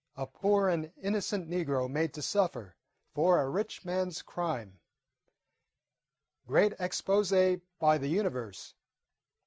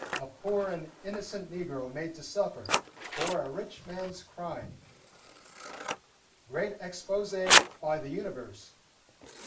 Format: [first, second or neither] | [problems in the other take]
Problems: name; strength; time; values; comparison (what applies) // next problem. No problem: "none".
first | background sound (Scissors); 2 dB above the speech // room echo; dies away in 0.3 s